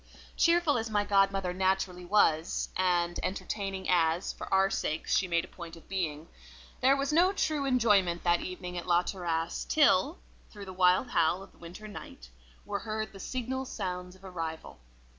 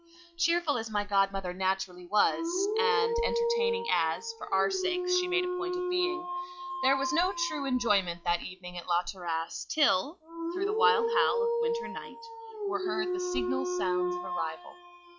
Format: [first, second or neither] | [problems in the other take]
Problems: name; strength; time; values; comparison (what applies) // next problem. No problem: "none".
first | noise reduction (classical method log-MMSE)